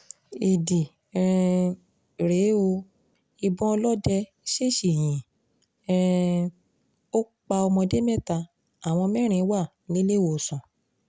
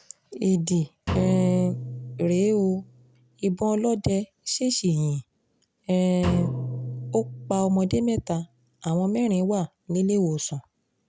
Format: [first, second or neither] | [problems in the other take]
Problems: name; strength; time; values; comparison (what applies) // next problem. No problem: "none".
first | background sound (Drum); 11 dB below the speech